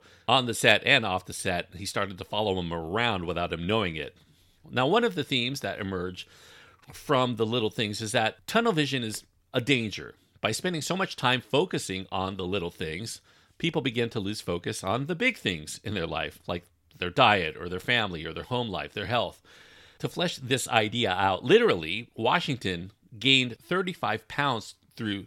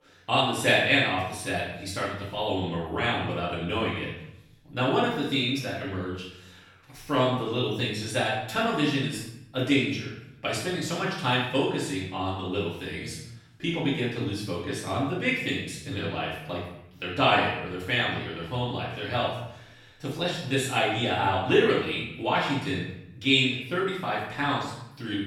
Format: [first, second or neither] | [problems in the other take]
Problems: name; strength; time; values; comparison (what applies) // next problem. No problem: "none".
first | room echo; noticeable; dies away in 0.7 s // off-mic speech; far